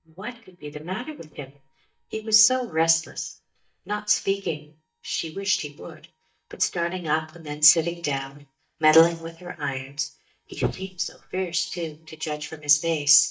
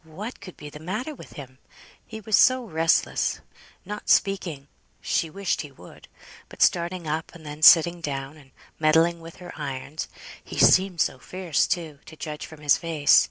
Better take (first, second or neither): second